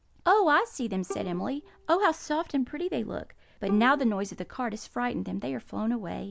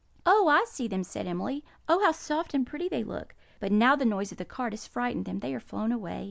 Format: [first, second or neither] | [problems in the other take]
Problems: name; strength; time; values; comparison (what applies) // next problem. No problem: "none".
second | background sound (Bowed string instrument); 17 dB below the speech